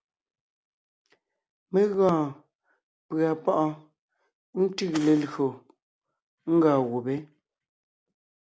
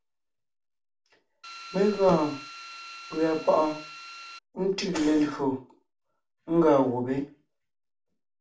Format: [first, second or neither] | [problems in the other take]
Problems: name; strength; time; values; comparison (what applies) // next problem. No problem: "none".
first | background sound (Drill); 15 dB below the speech // room echo; dies away in 0.2 s